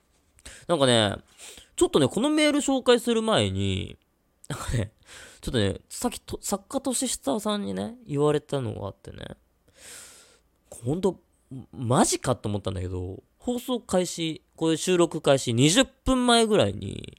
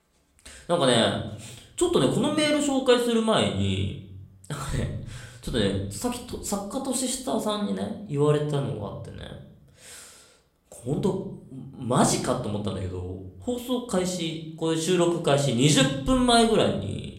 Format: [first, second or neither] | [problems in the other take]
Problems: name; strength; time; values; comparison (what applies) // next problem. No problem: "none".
first | room echo; slight; dies away in 0.6 s // off-mic speech; somewhat distant